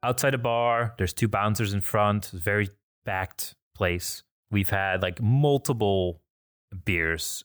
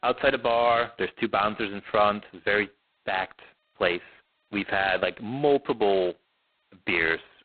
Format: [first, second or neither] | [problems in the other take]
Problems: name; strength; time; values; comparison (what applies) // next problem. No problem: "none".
first | phone-call audio; poor line; nothing above 4 kHz